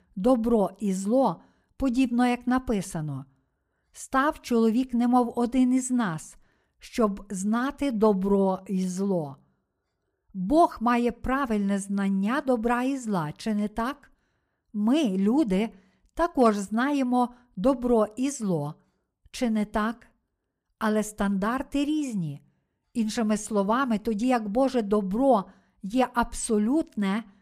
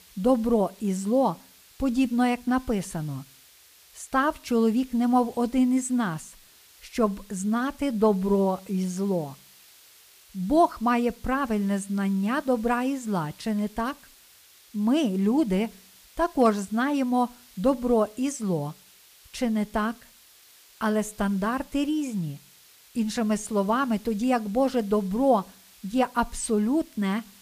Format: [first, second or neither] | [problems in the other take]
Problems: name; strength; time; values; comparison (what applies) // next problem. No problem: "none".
first | hiss; faint; throughout; 25 dB below the speech